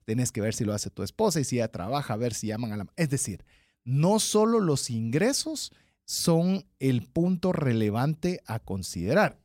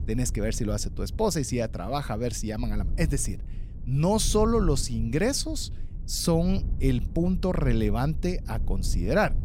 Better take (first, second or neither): first